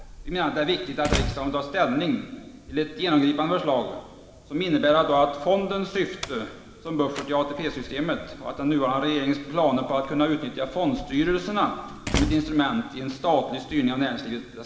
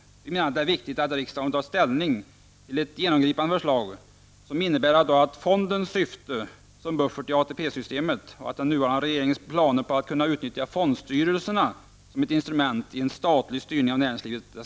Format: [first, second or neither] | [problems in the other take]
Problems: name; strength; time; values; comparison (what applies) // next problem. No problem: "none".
second | background sound (Slam); 12 dB below the speech // room echo; dies away in 1.7 s